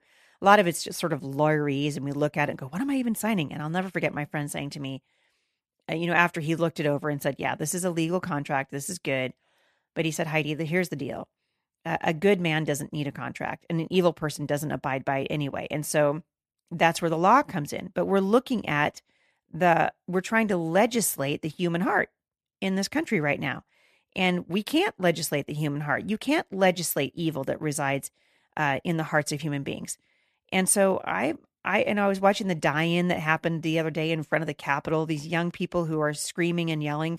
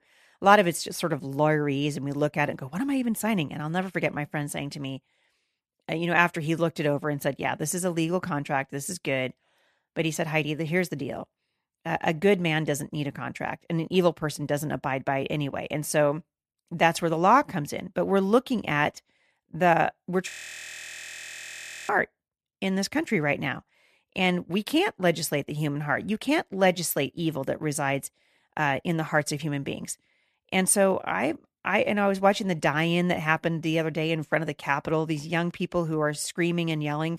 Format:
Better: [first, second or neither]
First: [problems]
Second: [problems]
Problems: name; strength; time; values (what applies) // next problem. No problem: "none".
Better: first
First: none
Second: audio freezing; at 20 s for 1.5 s